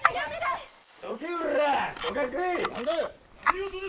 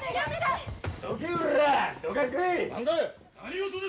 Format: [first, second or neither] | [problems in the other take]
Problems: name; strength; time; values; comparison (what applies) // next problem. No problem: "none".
second | noise reduction (neural mask model Resemble Enhance denoiser)